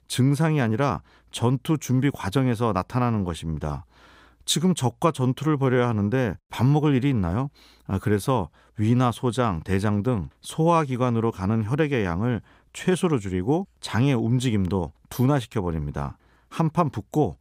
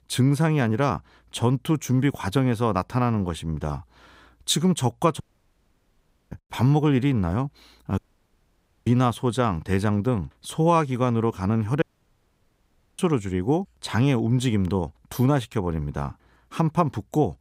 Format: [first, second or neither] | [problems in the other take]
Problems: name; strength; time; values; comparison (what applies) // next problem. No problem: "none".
first | audio cutting out; at 5 s for 1 s, at 8 s for 1 s and at 12 s for 1 s